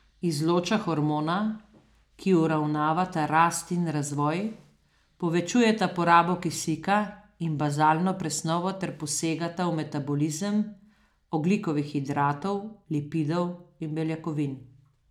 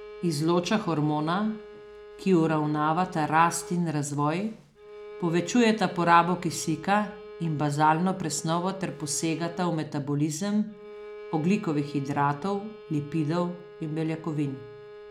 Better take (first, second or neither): first